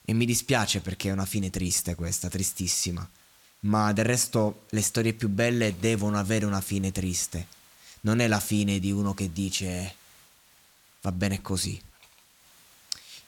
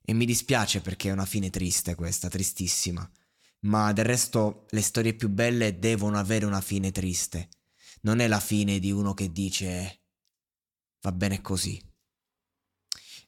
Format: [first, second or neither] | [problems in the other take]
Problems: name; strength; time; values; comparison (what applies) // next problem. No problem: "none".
second | hiss; faint; throughout; 30 dB below the speech